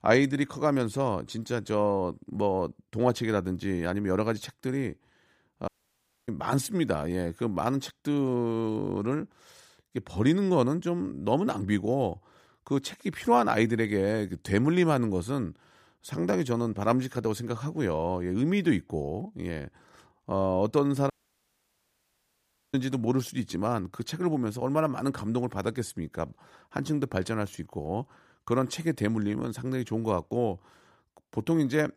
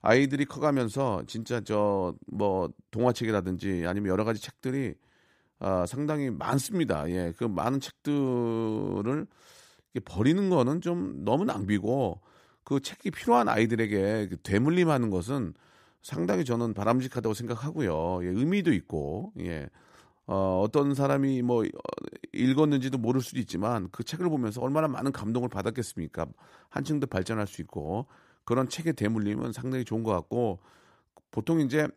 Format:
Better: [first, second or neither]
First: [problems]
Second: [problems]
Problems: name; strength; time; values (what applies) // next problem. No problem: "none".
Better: second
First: audio cutting out; at 5.5 s for 0.5 s and at 21 s for 1.5 s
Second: none